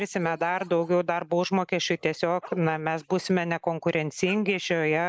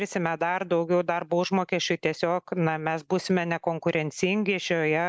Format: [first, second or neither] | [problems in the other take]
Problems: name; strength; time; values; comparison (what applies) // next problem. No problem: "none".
second | noise reduction (neural mask model Resemble Enhance denoiser)